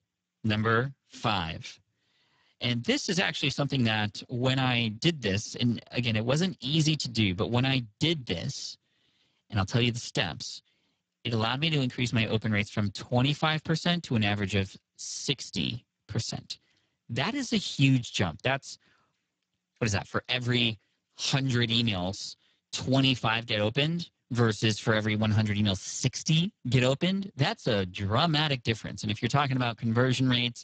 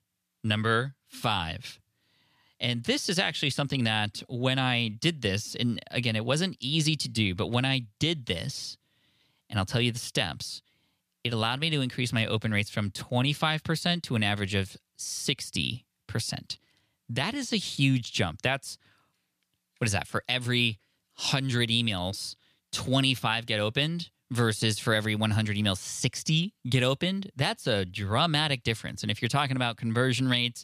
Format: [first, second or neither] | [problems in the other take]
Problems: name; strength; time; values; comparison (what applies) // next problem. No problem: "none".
second | garbled, watery; badly; nothing above 7.5 kHz